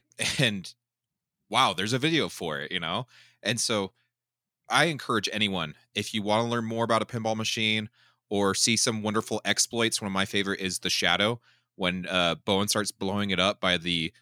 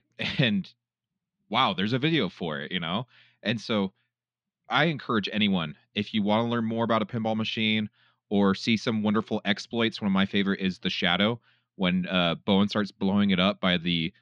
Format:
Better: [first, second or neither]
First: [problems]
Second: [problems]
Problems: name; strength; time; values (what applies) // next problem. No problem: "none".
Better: first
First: none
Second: muffled; slightly; fading above 3.5 kHz